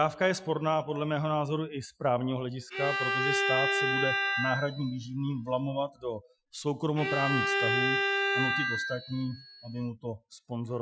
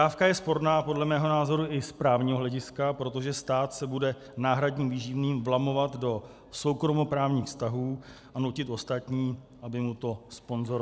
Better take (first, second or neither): second